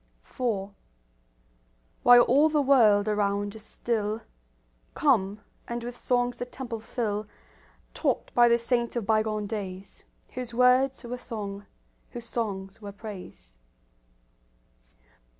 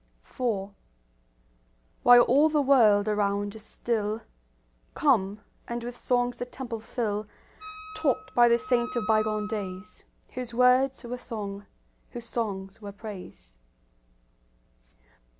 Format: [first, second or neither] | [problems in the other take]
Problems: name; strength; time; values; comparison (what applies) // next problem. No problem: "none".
first | background sound (Wind instrument, woodwind instrument); 13 dB below the speech